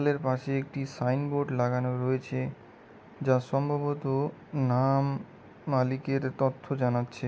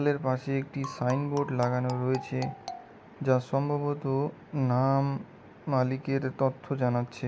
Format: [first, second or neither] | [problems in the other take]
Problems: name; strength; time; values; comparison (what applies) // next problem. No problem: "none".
first | background sound (Marimba, xylophone); 13 dB below the speech